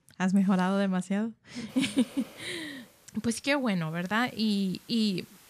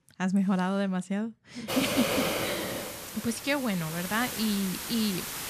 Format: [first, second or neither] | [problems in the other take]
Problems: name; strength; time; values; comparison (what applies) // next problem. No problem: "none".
first | hiss; loud; from 1.5 s on; 2 dB below the speech; faint in the first